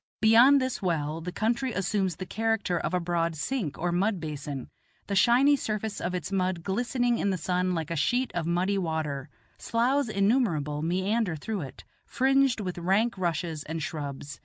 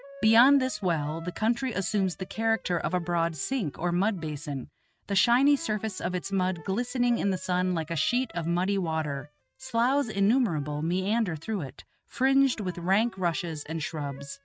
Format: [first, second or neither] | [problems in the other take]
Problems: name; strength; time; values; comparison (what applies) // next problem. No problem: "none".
first | noise reduction (neural mask model RNNoise)